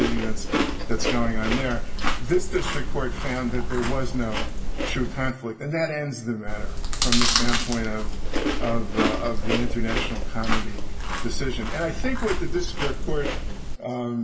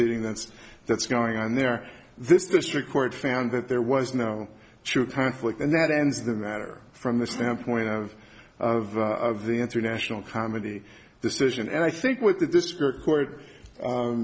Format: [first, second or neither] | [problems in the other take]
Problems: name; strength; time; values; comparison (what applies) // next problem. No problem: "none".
second | background sound (Chewing, mastication); 5 dB above the speech // room echo; dies away in 0.2 s